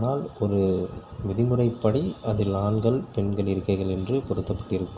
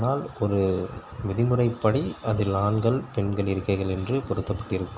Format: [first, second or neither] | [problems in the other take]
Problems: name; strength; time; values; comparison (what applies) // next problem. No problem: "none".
second | room echo; dies away in 2.1 s